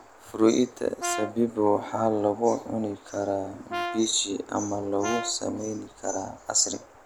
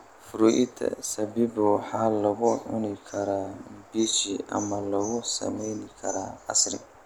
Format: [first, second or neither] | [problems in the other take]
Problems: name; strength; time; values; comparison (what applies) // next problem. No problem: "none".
second | background sound (Brass instrument); 8 dB below the speech